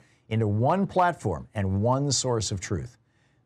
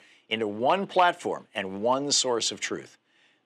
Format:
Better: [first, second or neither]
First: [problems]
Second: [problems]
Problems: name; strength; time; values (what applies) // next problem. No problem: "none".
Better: first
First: none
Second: thin; somewhat; fading below 250 Hz